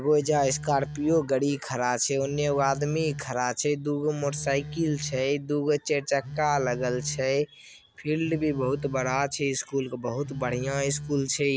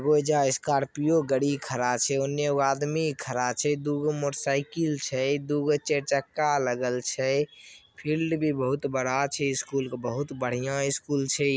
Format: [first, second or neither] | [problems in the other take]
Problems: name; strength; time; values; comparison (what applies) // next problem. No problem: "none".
second | background sound (Telephone); 13 dB below the speech